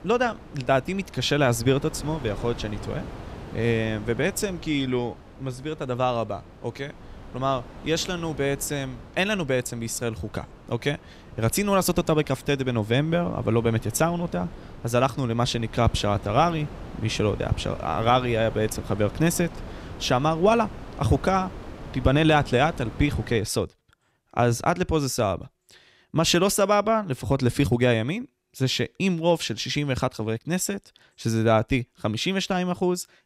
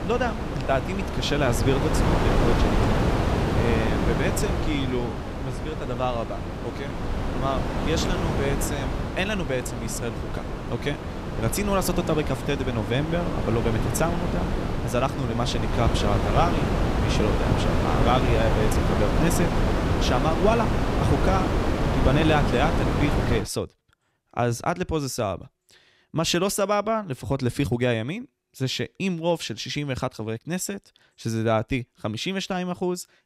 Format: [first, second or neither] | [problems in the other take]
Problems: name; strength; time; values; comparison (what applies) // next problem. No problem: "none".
first | wind noise on the microphone; heavy; until 23 s; 1 dB below the speech; occasional gusts in the first